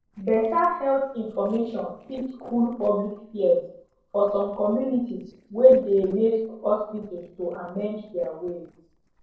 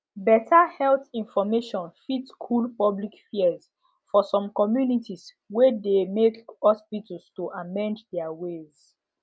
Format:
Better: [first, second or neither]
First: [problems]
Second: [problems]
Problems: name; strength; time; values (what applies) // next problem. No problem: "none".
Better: second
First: noise reduction (neural separator model SepFormer DNS4)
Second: none